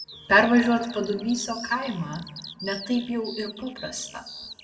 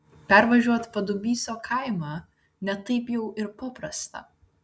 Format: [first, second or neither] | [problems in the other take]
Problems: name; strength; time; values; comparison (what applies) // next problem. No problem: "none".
second | background sound (Bird vocalization, bird call, bird song); 16 dB below the speech // room echo; dies away in 1.3 s